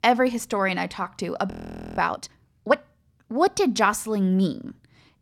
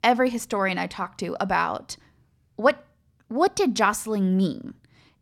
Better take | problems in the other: second | audio freezing; at 1.5 s

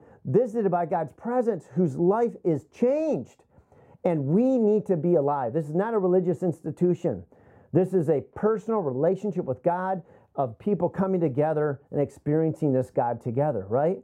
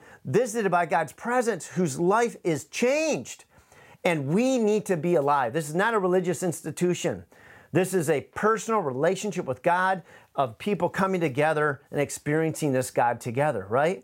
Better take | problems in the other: second | muffled; very; fading above 1 kHz

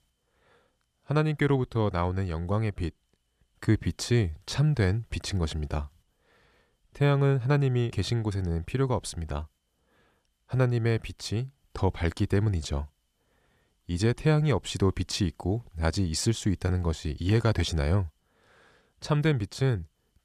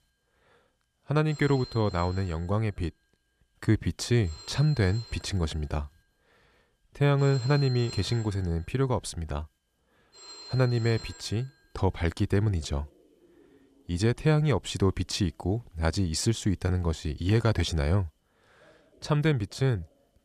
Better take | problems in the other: first | alarms or sirens; noticeable; throughout; 15 dB below the speech

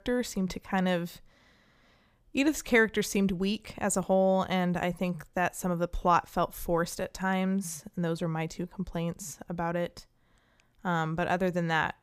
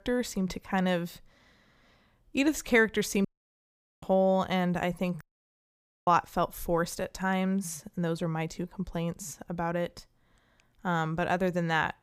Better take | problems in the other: first | audio cutting out; at 3.5 s for 1 s and at 5 s for 1 s

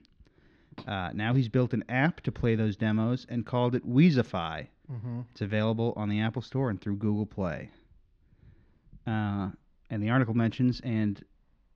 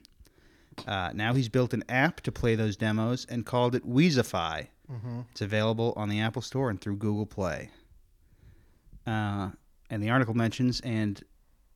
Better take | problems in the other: second | muffled; very slightly; fading above 4 kHz

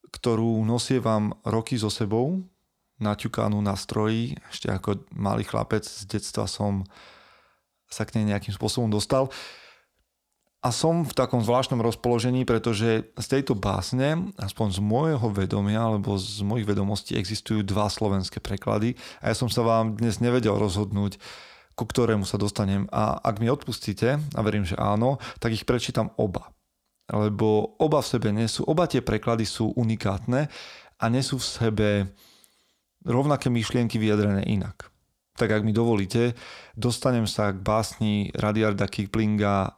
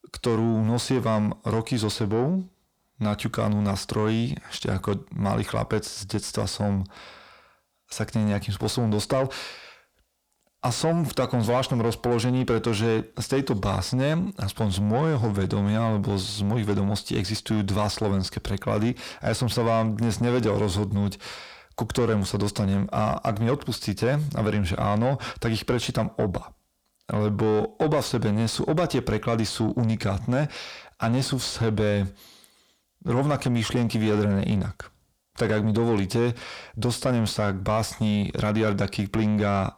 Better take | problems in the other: first | distortion; slight; 10 dB below the speech

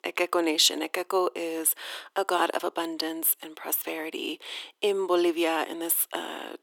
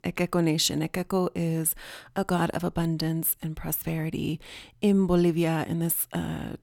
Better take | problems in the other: second | thin; very; fading below 350 Hz

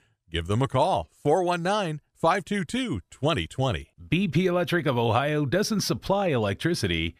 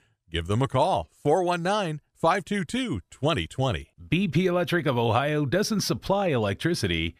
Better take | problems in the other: neither | none

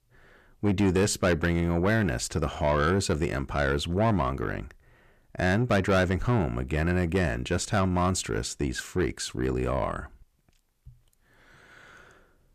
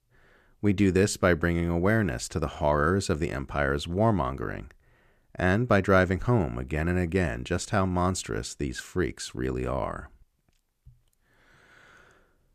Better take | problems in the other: second | distortion; slight; 10 dB below the speech

